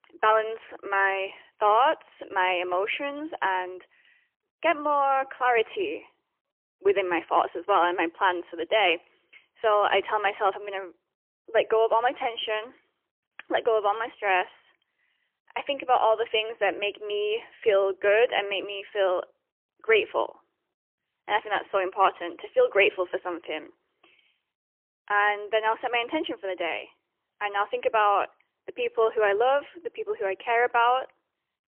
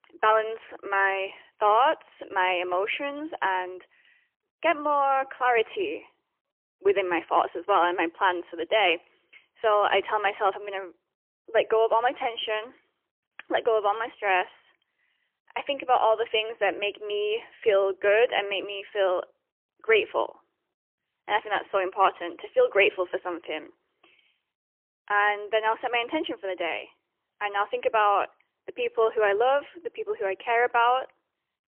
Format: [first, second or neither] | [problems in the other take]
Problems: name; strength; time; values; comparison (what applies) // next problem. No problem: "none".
neither | phone-call audio; poor line; nothing above 3 kHz; the same in both